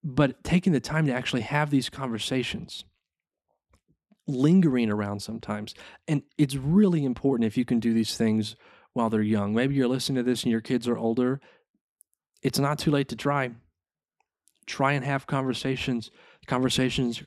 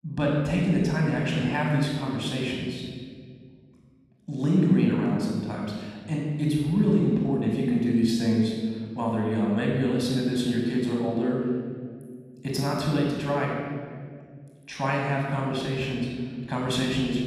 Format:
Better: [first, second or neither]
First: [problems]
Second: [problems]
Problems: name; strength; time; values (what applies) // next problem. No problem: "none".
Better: first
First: none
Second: off-mic speech; somewhat distant // room echo; strong; dies away in 1.8 s